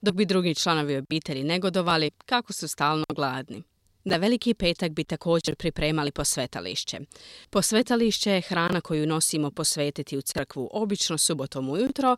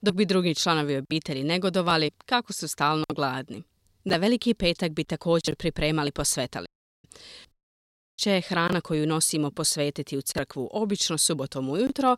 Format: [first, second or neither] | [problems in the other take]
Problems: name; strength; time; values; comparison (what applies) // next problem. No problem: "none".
first | audio cutting out; at 6.5 s and at 7.5 s for 0.5 s